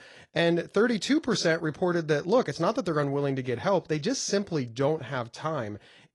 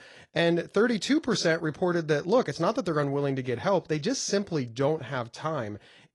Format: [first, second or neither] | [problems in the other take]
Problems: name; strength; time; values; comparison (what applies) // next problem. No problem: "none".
neither | garbled, watery; slightly; nothing above 10.5 kHz; the same in both